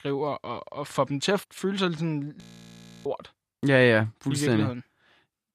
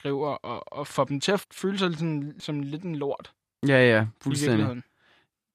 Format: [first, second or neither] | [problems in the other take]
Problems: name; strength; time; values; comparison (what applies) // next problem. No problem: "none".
second | audio freezing; at 2.5 s for 0.5 s